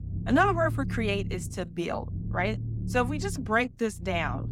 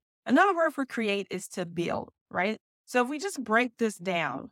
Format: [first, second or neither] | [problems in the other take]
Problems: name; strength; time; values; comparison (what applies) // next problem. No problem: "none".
second | low rumble; noticeable; throughout; 20 dB below the speech